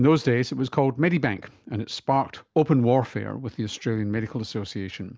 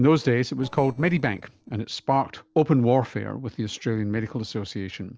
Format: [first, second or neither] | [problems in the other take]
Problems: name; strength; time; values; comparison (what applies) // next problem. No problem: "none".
first | noise reduction (neural separator model SepFormer DNS4)